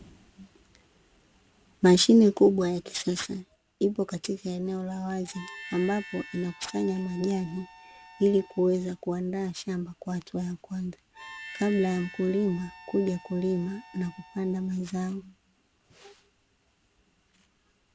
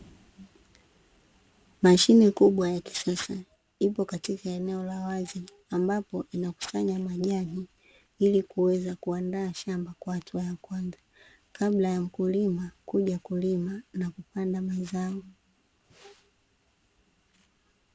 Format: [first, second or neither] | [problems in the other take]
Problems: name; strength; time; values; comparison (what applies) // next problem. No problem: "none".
second | background sound (Harmonica); 18 dB below the speech